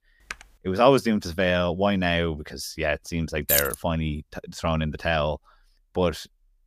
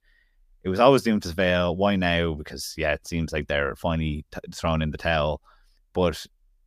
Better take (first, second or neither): second